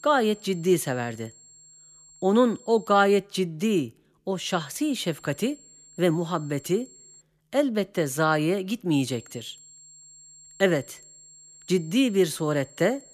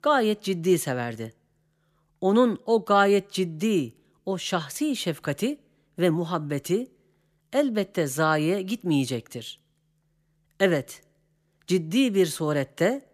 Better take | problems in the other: second | high-pitched whine; faint; until 3 s, from 4.5 to 7 s and from 9 s on; 7.5 kHz, 25 dB below the speech

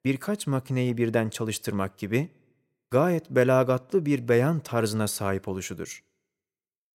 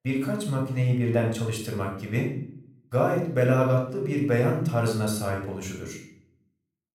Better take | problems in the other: first | off-mic speech; somewhat distant // room echo; noticeable; dies away in 0.5 s

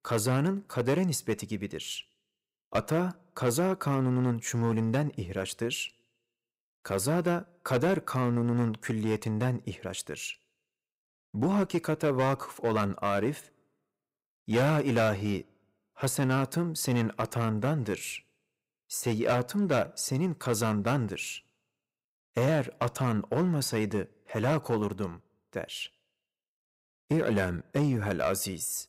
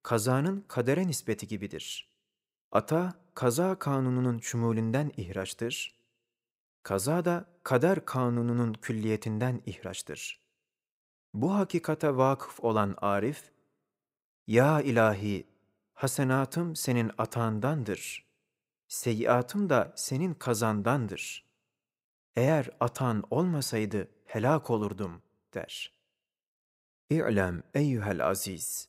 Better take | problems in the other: second | distortion; slight; 5% of the sound clipped

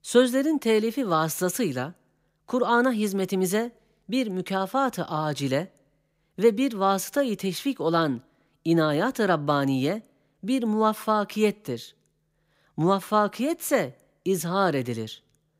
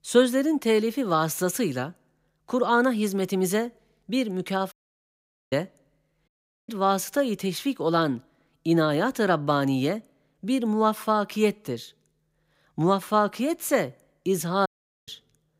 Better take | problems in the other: first | audio cutting out; at 4.5 s for 1 s, at 6.5 s and at 15 s

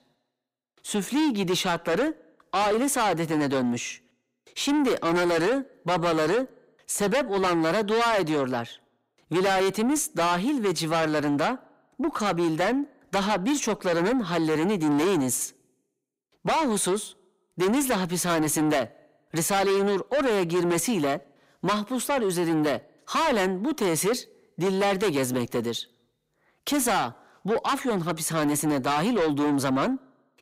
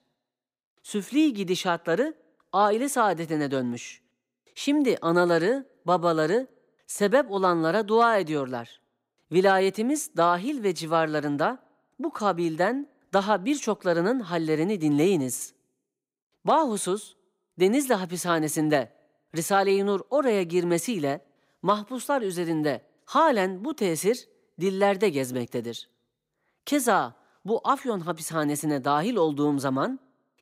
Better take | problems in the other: second | distortion; heavy; 6 dB below the speech

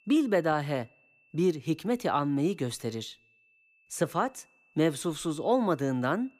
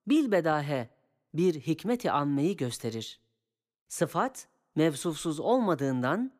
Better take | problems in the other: second | high-pitched whine; faint; throughout; 2.5 kHz, 35 dB below the speech

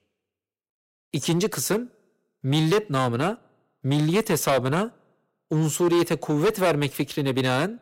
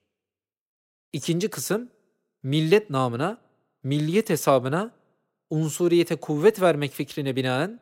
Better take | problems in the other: second | distortion; heavy; 9% of the sound clipped

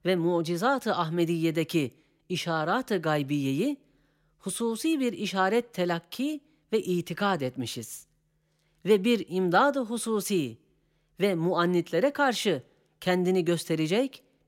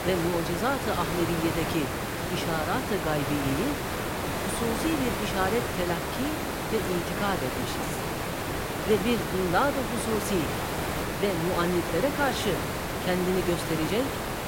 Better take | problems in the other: first | hiss; loud; throughout; 1 dB below the speech

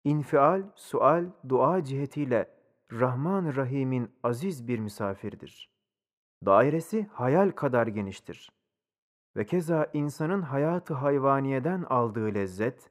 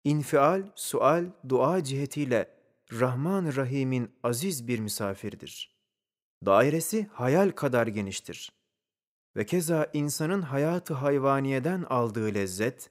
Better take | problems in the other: second | muffled; slightly; fading above 3 kHz

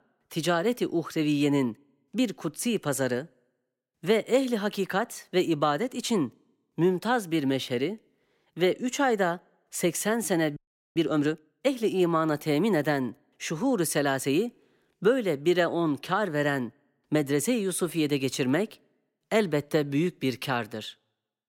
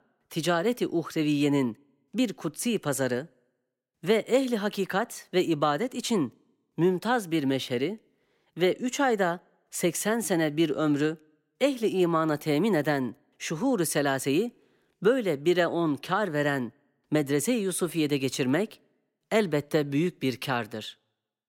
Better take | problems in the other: second | audio freezing; at 11 s

